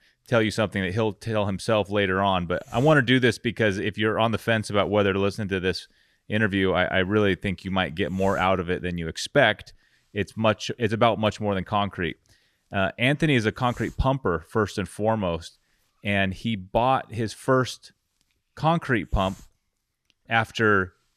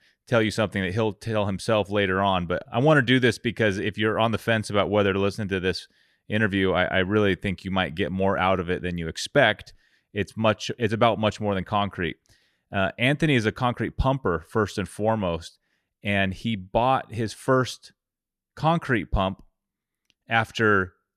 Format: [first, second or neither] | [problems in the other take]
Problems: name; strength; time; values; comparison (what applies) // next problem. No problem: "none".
second | hiss; faint; throughout; 30 dB below the speech